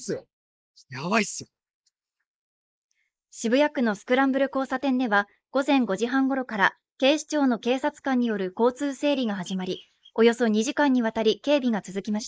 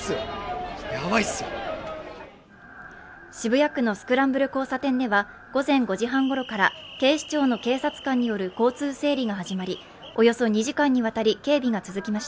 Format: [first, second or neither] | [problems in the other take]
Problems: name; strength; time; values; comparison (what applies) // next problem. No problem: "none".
second | noise reduction (neural mask model Resemble Enhance denoiser)